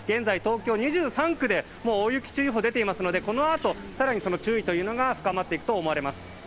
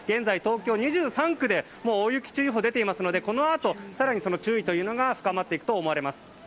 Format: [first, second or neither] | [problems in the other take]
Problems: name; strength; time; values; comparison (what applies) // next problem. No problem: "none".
second | background sound (Engine / Vehicle); 18 dB below the speech